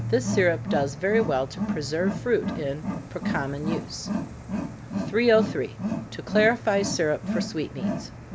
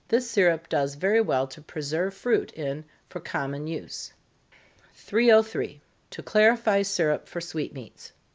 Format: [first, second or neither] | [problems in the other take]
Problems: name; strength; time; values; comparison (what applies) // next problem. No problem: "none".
second | background sound (Wild animals); 4 dB below the speech